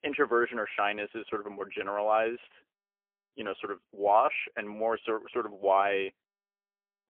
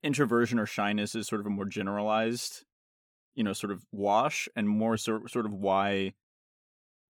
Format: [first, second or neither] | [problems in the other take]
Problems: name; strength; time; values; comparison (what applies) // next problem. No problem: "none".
second | phone-call audio; poor line